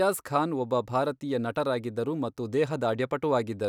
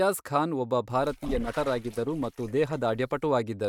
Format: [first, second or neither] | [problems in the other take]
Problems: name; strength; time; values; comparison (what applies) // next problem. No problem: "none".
first | noise reduction (neural mask model RNNoise)